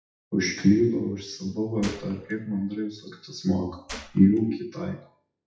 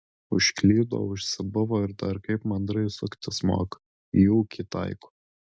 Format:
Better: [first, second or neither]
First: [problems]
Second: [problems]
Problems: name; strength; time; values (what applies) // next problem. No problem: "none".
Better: second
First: noise reduction (classical method WPE with log-MMSE)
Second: none